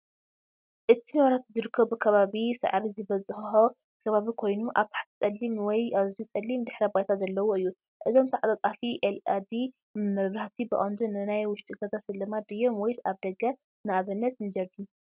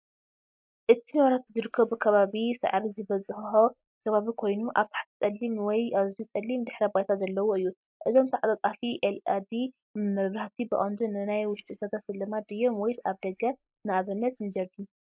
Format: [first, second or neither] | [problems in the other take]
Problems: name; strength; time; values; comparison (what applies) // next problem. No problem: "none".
first | noise reduction (neural mask model Resemble Enhance denoiser)